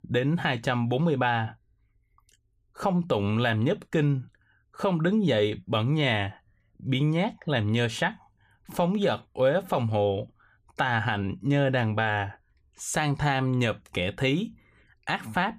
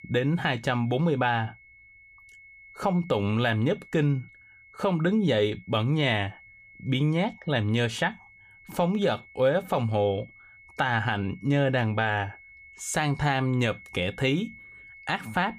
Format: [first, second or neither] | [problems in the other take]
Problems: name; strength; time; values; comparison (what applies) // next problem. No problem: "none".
first | high-pitched whine; faint; throughout; 2 kHz, 20 dB below the speech